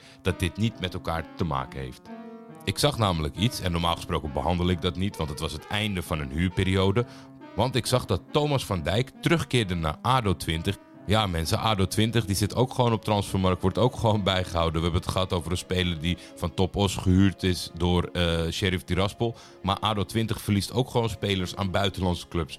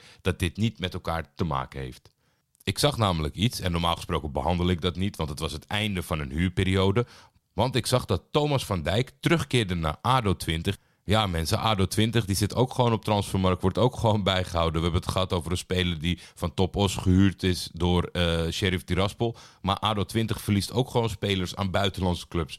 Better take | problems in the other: second | background music; faint; throughout; 20 dB below the speech

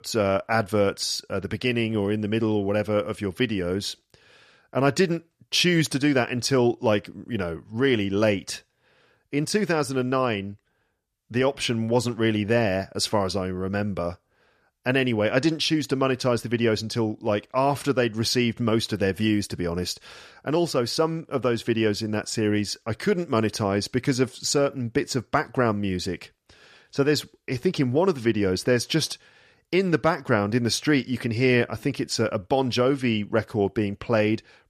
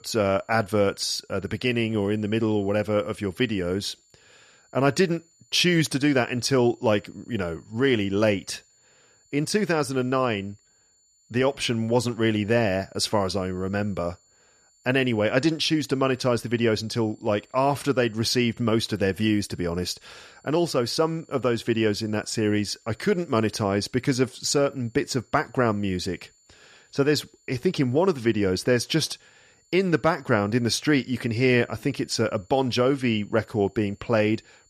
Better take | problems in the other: first | high-pitched whine; faint; throughout; 7 kHz, 35 dB below the speech

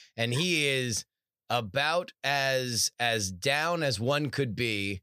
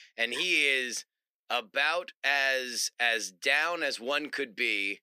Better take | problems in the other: first | thin; somewhat; fading below 250 Hz

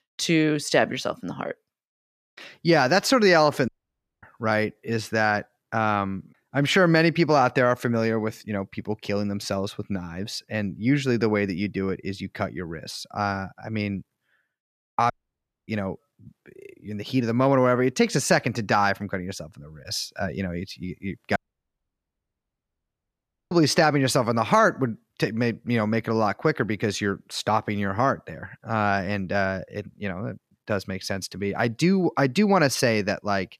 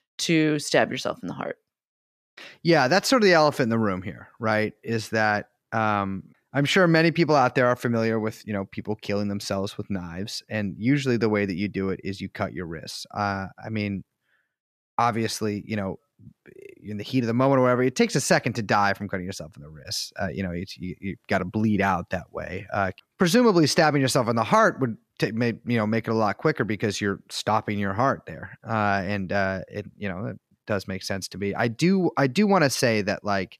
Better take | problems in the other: second | audio cutting out; at 3.5 s for 0.5 s, at 15 s for 0.5 s and at 21 s for 2 s

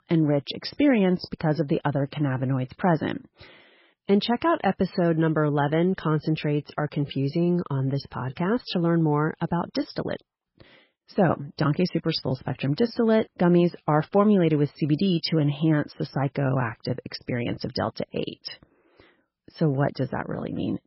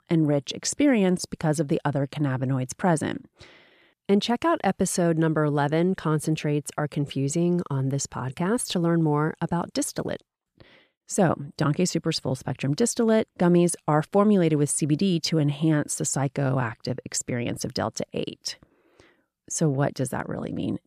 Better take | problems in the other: second | garbled, watery; badly; nothing above 5.5 kHz

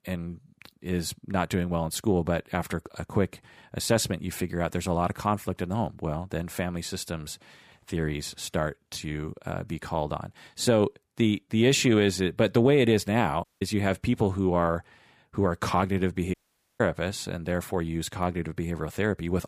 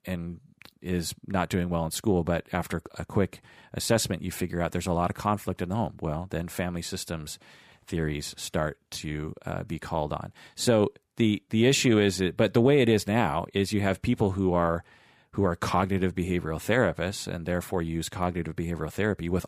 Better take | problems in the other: second | audio cutting out; at 13 s and at 16 s

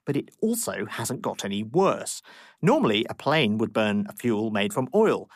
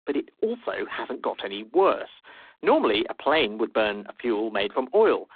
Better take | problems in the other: first | phone-call audio; poor line; nothing above 3.5 kHz

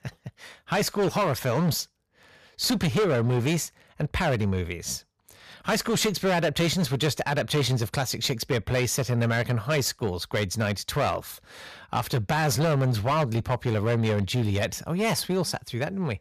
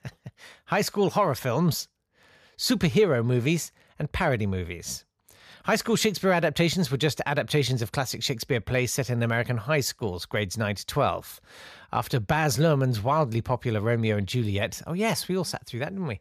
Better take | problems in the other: second | distortion; slight; 13% of the sound clipped

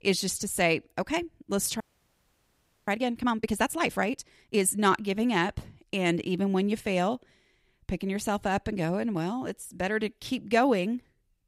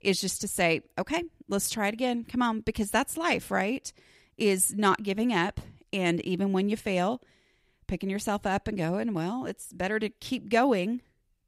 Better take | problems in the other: second | audio freezing; at 2 s for 1 s

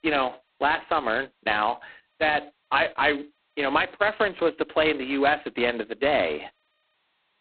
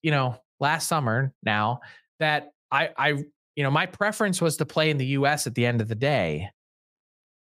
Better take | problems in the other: second | phone-call audio; poor line; nothing above 4 kHz

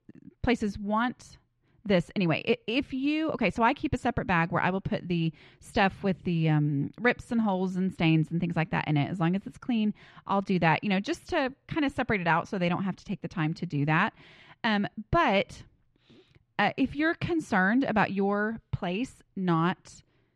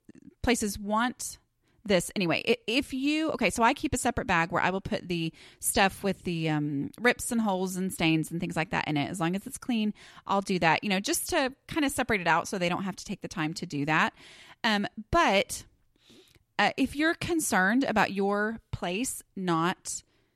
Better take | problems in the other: second | muffled; slightly; fading above 3 kHz

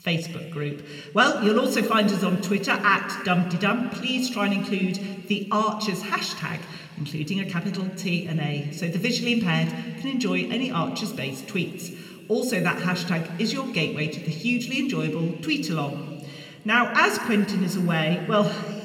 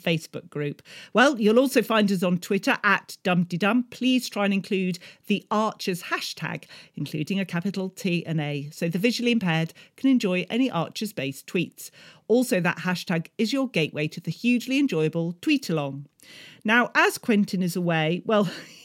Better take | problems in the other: second | room echo; slight; dies away in 2.4 s

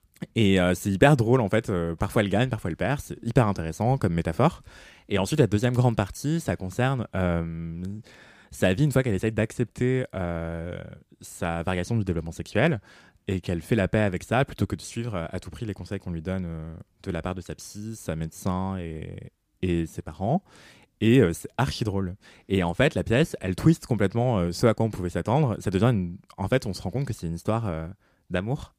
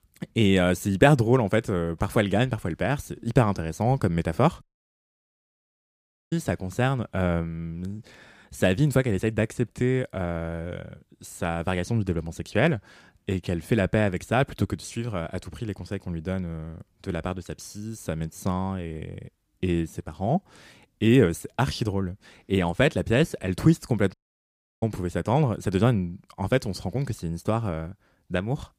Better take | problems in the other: first | audio cutting out; at 4.5 s for 1.5 s and at 24 s for 0.5 s

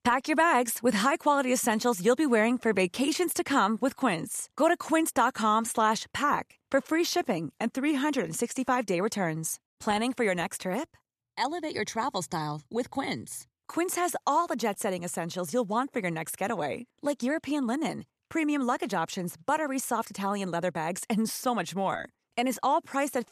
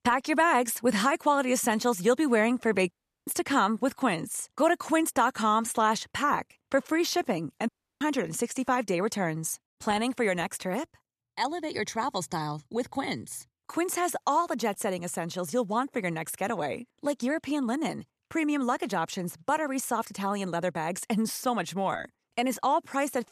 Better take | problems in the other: first | audio cutting out; at 3 s and at 7.5 s

